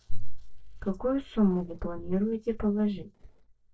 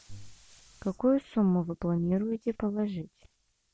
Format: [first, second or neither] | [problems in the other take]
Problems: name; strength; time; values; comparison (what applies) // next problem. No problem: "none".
second | noise reduction (neural separator model SepFormer DNS4)